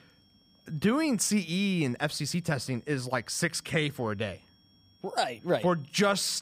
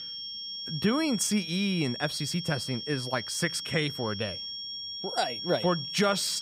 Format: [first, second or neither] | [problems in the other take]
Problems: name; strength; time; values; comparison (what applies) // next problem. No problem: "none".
first | high-pitched whine; loud; throughout; 5.5 kHz, 6 dB below the speech; faint in the first